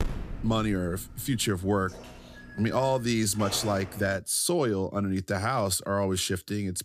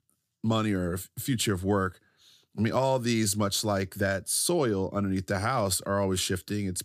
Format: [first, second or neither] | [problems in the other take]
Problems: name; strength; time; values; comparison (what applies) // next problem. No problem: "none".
second | phone ringing; noticeable; until 4 s; peak 7 dB below the speech